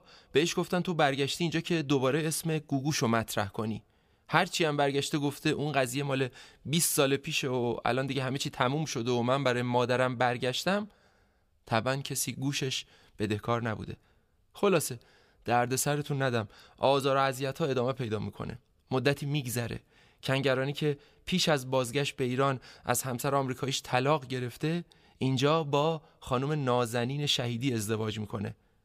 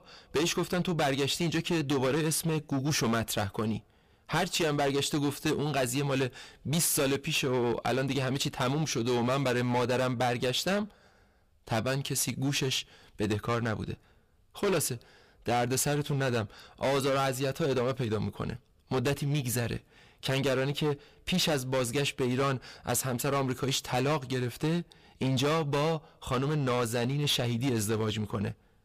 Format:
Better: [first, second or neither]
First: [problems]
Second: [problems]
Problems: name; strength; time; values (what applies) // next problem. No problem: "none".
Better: first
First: none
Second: distortion; heavy; 14% of the sound clipped